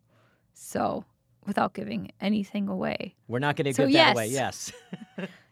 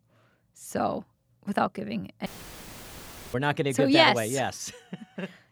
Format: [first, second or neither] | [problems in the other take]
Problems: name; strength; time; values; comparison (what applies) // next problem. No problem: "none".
first | audio cutting out; filled with static; at 2.5 s for 1 s